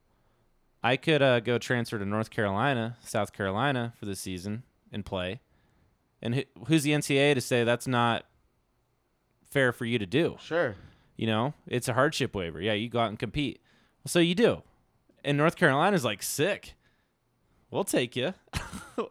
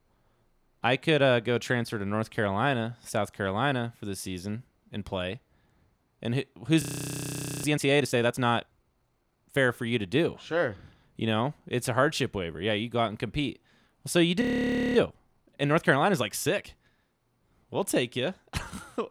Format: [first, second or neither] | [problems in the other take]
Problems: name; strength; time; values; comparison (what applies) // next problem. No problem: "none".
first | audio freezing; at 7 s for 1 s and at 14 s for 0.5 s